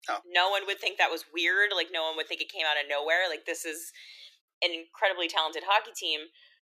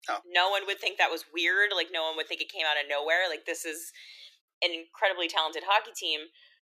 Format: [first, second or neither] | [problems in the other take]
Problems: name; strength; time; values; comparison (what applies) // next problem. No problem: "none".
neither | thin; very; fading below 350 Hz; the same in both